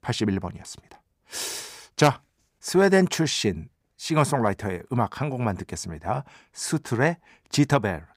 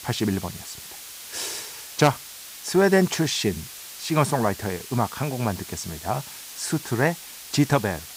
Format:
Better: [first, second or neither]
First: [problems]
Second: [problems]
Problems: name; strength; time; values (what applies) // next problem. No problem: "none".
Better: first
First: none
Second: hiss; noticeable; throughout; 15 dB below the speech